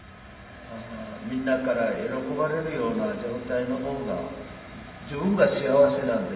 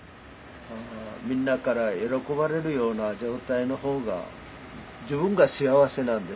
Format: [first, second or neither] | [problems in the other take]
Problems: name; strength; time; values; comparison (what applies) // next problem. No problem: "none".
second | room echo; dies away in 1.2 s